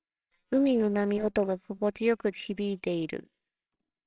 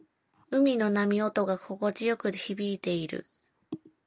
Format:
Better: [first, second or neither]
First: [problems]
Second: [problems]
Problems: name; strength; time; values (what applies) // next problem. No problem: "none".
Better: second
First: noise reduction (neural separator model SepFormer WHAMR!)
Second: none